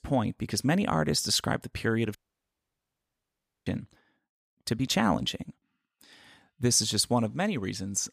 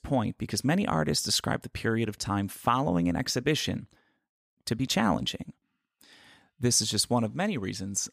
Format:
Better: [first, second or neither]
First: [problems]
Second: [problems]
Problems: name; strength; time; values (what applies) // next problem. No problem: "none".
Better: second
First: audio cutting out; at 2 s for 1.5 s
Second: none